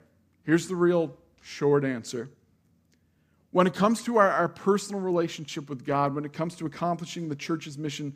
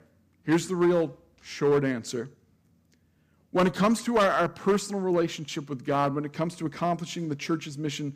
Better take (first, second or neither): first